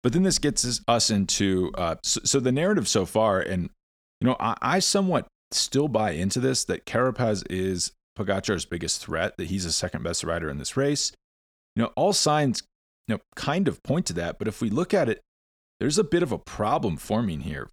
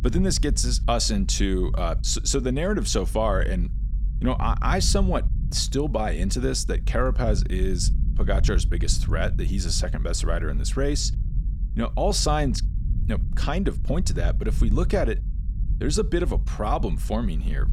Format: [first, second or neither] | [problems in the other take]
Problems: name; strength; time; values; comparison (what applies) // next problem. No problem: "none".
first | low rumble; noticeable; throughout; 20 dB below the speech